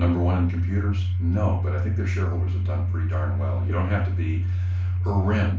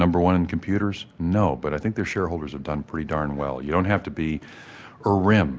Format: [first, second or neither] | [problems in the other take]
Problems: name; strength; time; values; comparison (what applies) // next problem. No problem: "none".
second | background sound (Domestic sounds, home sounds); 5 dB above the speech // room echo; dies away in 0.3 s